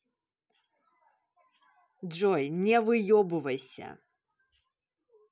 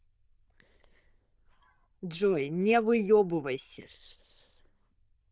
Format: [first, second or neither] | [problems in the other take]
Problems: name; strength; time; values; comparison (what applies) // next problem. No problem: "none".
first | noise reduction (neural diffusion model UNIVERSE++)